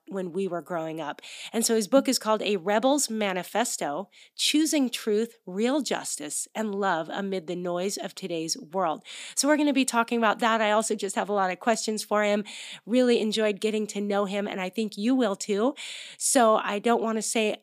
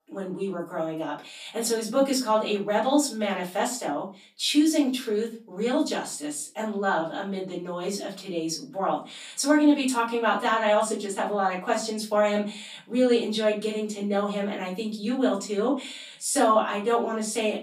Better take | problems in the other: first | off-mic speech; far // room echo; slight; dies away in 0.3 s

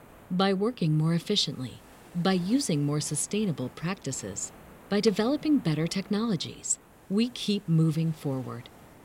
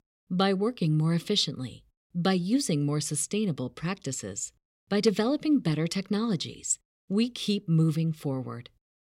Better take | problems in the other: second | hiss; faint; throughout; 25 dB below the speech

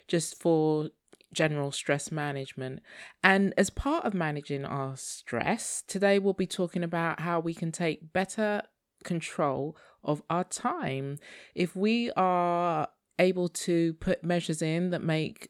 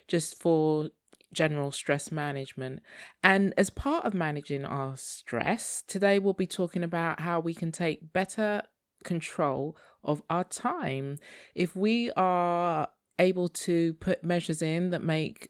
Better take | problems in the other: first | garbled, watery; slightly

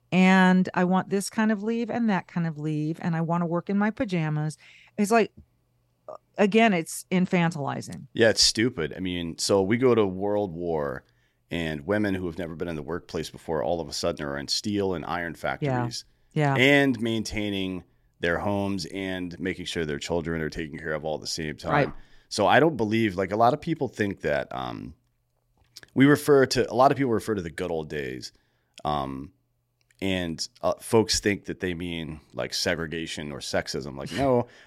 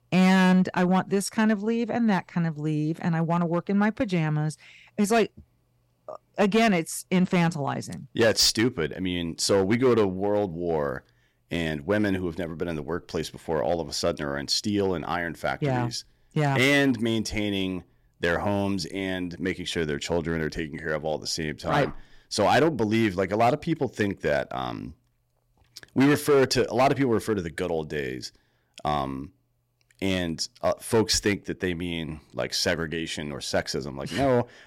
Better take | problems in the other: first | distortion; slight; 3% of the sound clipped

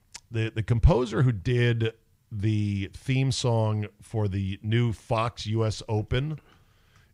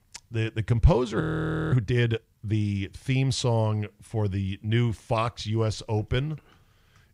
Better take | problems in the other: first | audio freezing; at 1 s for 0.5 s

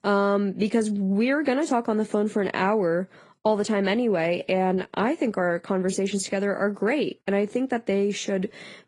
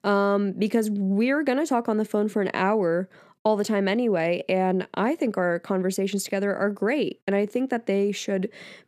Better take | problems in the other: second | garbled, watery; slightly

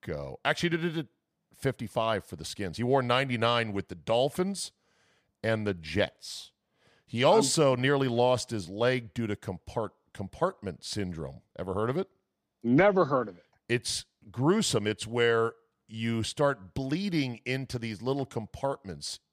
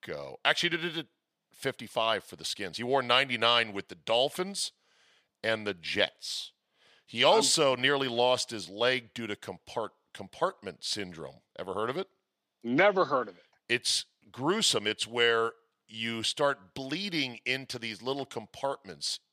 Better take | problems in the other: first | thin; very slightly; fading below 1 kHz

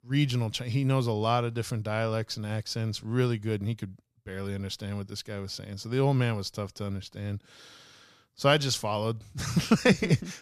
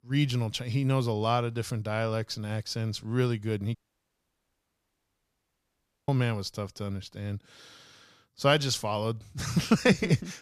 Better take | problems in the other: first | audio cutting out; at 4 s for 2.5 s

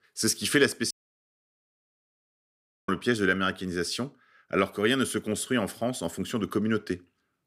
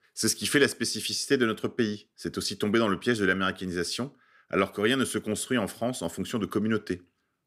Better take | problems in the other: second | audio cutting out; at 1 s for 2 s

